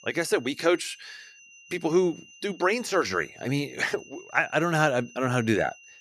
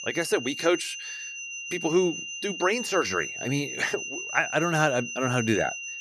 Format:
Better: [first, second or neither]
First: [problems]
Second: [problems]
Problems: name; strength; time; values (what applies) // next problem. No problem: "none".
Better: first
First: high-pitched whine; faint; throughout; 3 kHz, 20 dB below the speech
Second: high-pitched whine; loud; throughout; 3 kHz, 6 dB below the speech